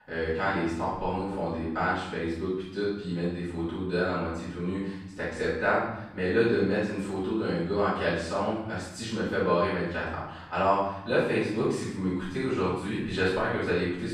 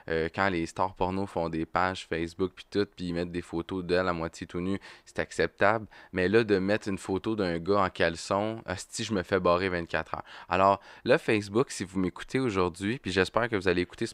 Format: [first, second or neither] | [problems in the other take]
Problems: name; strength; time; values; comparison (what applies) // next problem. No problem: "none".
second | room echo; strong; dies away in 0.9 s // off-mic speech; far